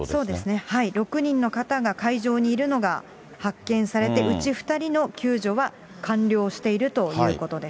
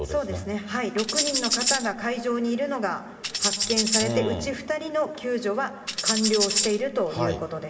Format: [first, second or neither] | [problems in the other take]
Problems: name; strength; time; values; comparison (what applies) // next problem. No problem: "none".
first | background sound (Tambourine); 1 dB below the speech // room echo; dies away in 2.7 s